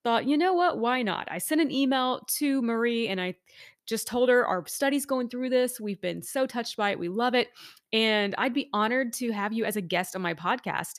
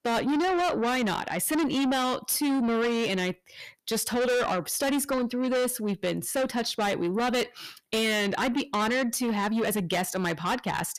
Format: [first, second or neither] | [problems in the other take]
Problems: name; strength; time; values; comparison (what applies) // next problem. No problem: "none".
first | distortion; heavy; 7 dB below the speech